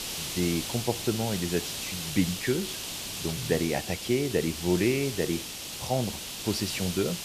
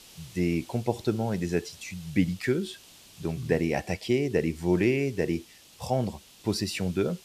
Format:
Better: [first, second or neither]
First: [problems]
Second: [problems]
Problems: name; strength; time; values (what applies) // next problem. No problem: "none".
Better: second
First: hiss; loud; throughout; 4 dB below the speech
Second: hiss; faint; throughout; 20 dB below the speech